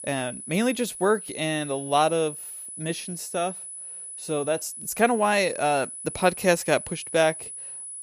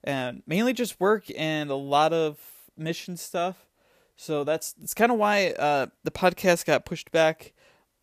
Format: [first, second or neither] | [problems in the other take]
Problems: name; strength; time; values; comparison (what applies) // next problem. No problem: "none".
second | high-pitched whine; loud; throughout; 10 kHz, 10 dB below the speech